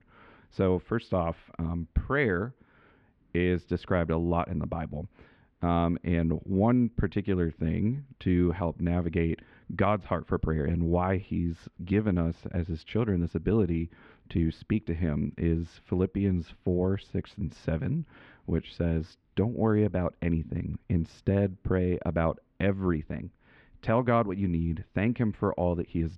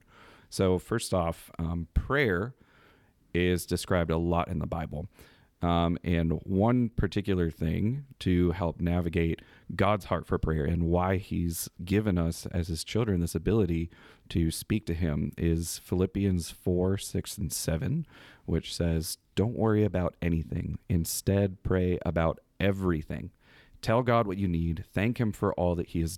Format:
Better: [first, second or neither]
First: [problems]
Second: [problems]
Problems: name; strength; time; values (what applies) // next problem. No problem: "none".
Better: second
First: muffled; very; fading above 2.5 kHz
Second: none